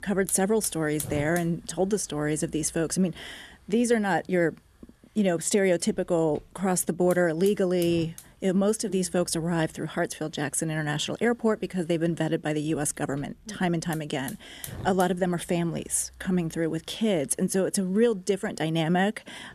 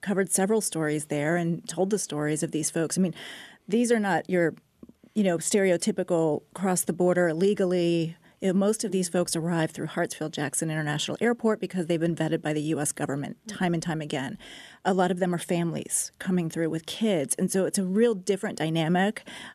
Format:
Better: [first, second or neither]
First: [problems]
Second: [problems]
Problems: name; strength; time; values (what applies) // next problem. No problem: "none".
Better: second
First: hiss; noticeable; throughout; 15 dB below the speech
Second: none